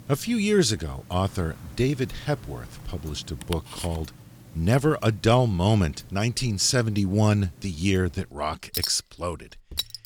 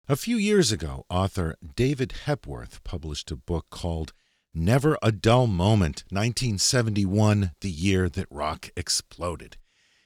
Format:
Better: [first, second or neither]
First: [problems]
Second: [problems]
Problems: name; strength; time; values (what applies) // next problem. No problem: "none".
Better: second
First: household noises; noticeable; throughout; 15 dB below the speech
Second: none